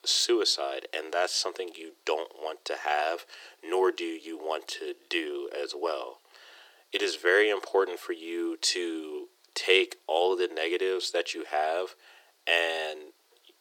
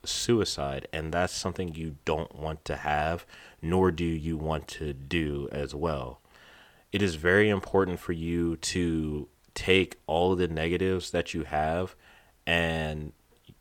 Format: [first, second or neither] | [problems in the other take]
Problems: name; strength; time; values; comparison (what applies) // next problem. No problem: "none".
second | thin; very; fading below 350 Hz